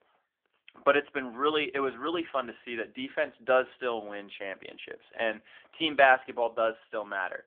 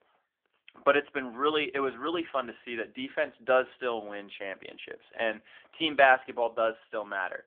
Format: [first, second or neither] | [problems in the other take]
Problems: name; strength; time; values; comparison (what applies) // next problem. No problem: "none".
neither | phone-call audio; nothing above 3.5 kHz; the same in both